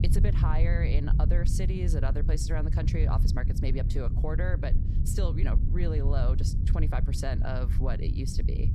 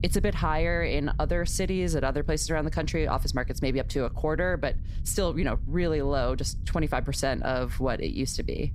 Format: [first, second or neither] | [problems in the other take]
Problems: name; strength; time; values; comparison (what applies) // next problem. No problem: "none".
second | low rumble; loud; throughout; 5 dB below the speech; faint in the second